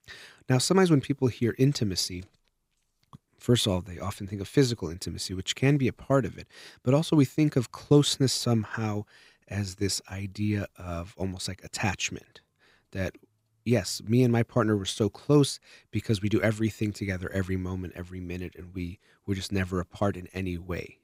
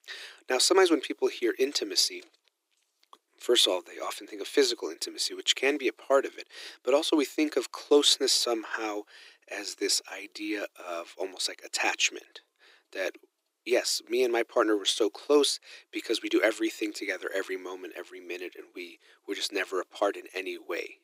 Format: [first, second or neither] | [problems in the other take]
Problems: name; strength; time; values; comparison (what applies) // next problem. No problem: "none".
first | thin; very; fading below 300 Hz